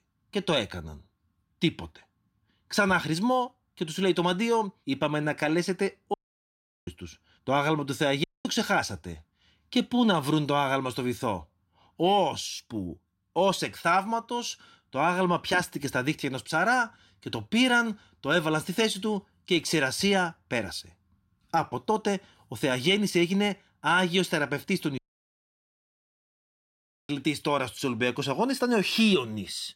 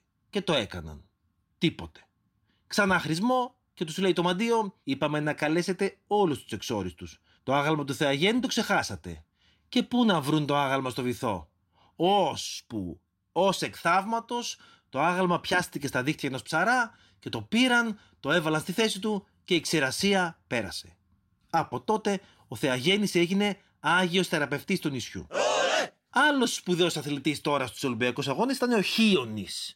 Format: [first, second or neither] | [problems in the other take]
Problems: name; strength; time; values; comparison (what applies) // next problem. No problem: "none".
second | audio cutting out; at 6 s for 0.5 s, at 8 s and at 25 s for 2 s